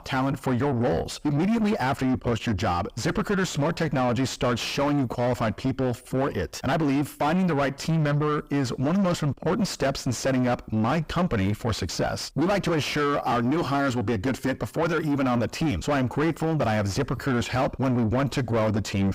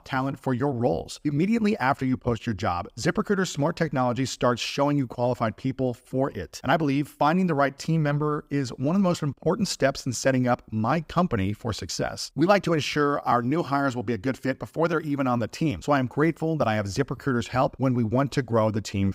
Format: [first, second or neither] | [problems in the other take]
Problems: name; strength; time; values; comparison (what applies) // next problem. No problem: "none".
second | distortion; heavy; 6 dB below the speech